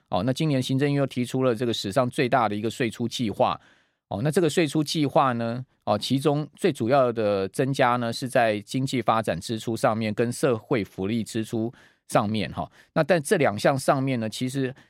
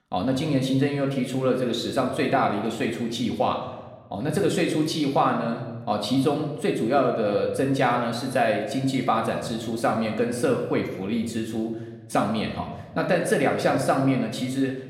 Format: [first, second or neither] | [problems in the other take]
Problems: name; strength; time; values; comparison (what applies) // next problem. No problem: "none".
first | room echo; slight; dies away in 0.9 s // off-mic speech; somewhat distant